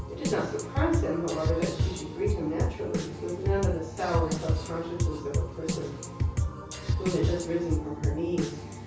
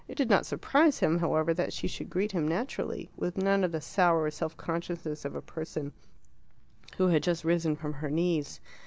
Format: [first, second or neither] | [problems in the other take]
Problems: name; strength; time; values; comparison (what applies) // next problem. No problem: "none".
second | background sound (Drum kit); 1 dB above the speech // room echo; dies away in 0.6 s